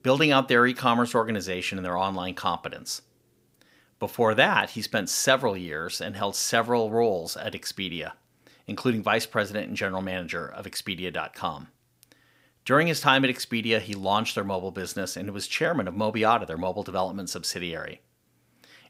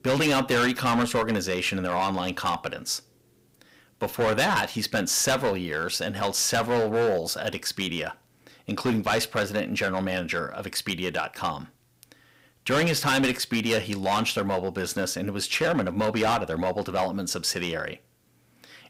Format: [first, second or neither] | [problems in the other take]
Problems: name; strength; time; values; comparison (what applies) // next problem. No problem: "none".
first | distortion; heavy; 9% of the sound clipped